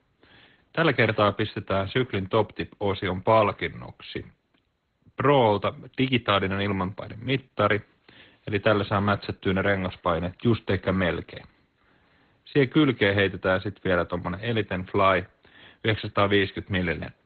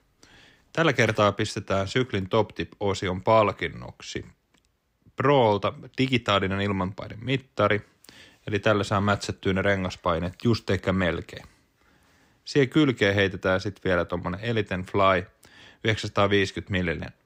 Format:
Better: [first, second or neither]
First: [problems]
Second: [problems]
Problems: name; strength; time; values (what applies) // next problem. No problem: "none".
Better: second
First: garbled, watery; badly; nothing above 4 kHz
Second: none